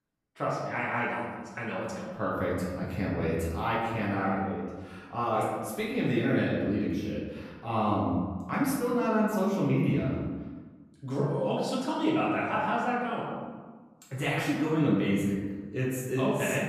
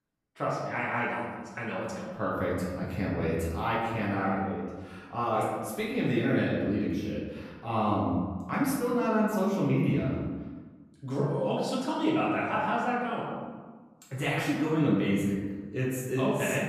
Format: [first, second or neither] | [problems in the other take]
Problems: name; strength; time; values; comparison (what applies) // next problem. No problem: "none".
neither | room echo; noticeable; dies away in 1.4 s; the same in both // off-mic speech; far; the same in both